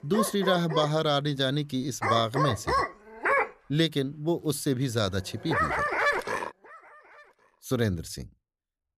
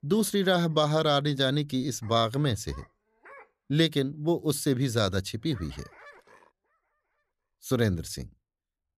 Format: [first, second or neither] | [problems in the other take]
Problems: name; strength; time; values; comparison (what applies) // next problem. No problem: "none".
second | animal sounds; loud; until 7 s; 1 dB below the speech; faint in the second